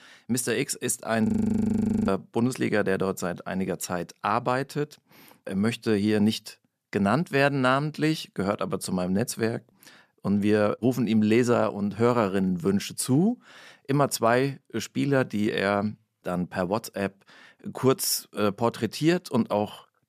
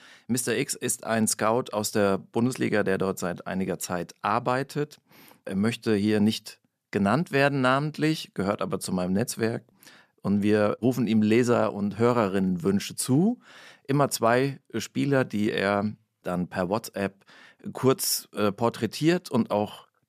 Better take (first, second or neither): second